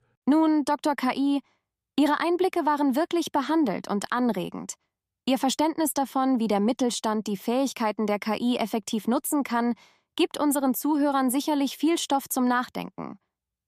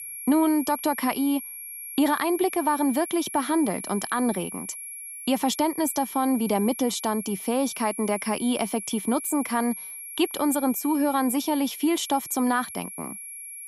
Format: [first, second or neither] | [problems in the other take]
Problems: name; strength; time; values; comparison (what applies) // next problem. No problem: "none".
first | high-pitched whine; loud; throughout; 11.5 kHz, 10 dB below the speech